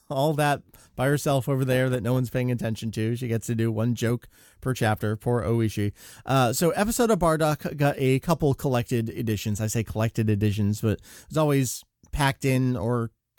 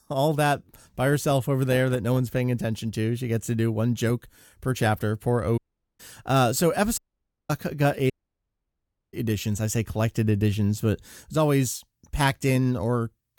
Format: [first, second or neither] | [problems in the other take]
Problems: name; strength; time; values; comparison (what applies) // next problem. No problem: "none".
first | audio cutting out; at 5.5 s, at 7 s for 0.5 s and at 8 s for 1 s